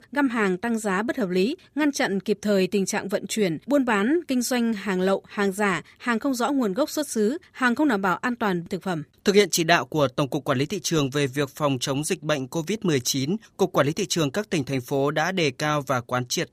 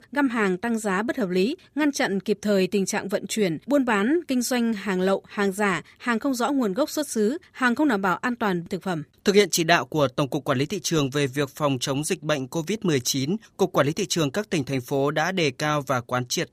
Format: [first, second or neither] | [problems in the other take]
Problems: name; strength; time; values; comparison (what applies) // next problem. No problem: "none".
neither | none